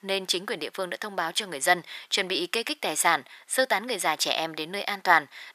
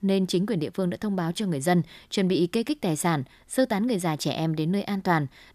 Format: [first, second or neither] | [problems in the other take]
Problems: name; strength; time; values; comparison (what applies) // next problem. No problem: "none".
second | thin; very; fading below 750 Hz